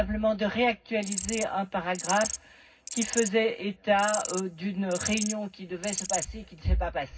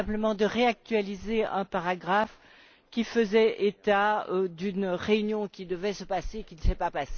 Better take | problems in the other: second | background sound (Insect); 7 dB below the speech // room echo; dies away in 0.4 s

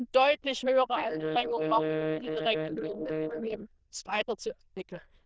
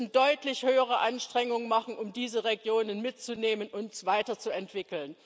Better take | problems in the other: second | noise reduction (neural diffusion model UNIVERSE++)

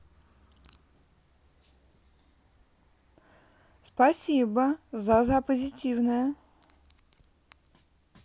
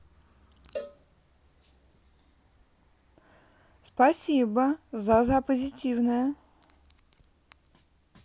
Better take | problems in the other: first | background sound (Cowbell); 16 dB below the speech

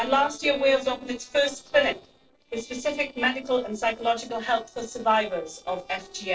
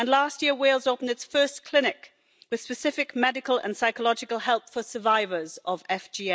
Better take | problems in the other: second | noise reduction (neural separator model SepFormer DNS4)

